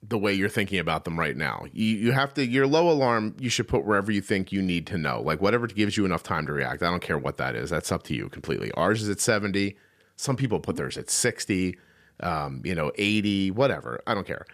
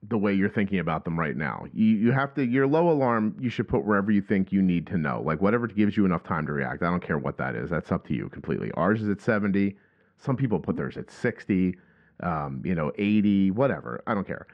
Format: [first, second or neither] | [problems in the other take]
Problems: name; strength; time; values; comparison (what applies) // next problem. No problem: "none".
first | muffled; very; fading above 1.5 kHz